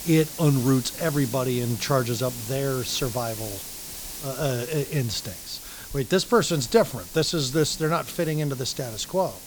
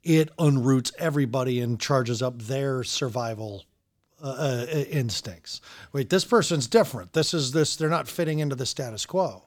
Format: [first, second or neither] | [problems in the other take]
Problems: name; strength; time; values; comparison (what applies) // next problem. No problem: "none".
second | hiss; noticeable; throughout; 10 dB below the speech